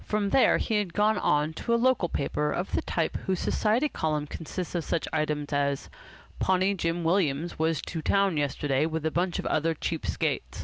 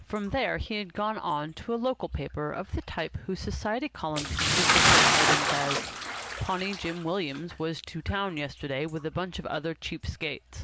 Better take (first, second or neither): first